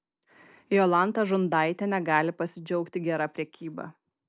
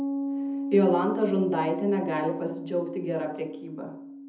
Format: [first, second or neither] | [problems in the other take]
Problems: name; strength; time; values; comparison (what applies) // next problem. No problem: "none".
first | background sound (Piano); 6 dB below the speech // room echo; dies away in 0.7 s